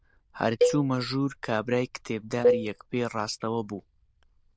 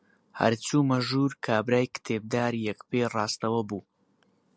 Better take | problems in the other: second | noise reduction (neural diffusion model UNIVERSE++)

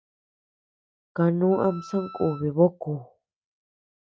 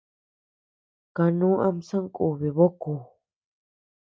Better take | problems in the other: second | background sound (Wind instrument, woodwind instrument); 17 dB below the speech

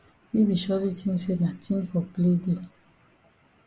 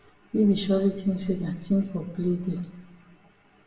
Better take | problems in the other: first | room echo; dies away in 0.7 s

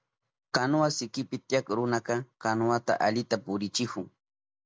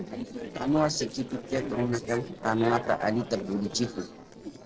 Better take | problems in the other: first | noise reduction (neural separator model SepFormer DNS4)

